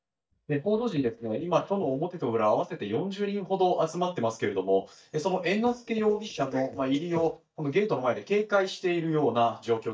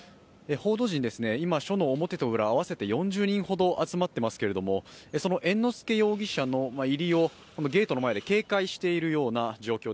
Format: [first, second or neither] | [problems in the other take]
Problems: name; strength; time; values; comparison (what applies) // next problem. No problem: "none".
second | noise reduction (neural mask model DeepFilterNet 3)